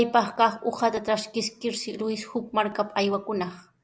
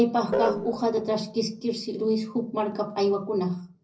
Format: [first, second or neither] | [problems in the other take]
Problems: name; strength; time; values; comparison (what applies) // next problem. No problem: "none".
first | noise reduction (neural separator model SepFormer DNS4)